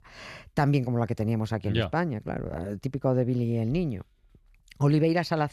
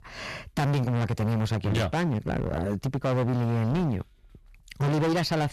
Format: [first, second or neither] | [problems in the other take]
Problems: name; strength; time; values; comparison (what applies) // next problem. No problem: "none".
first | distortion; heavy; 26% of the sound clipped